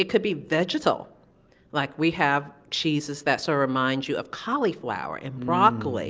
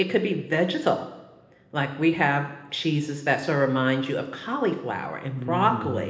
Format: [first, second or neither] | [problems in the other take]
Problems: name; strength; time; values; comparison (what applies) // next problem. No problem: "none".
first | room echo; dies away in 1.1 s